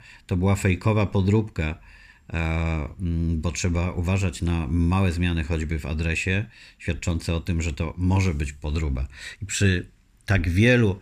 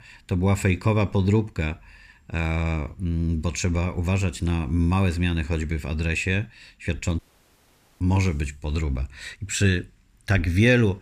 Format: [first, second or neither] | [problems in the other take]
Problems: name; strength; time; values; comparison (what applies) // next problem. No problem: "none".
first | audio cutting out; at 7 s for 1 s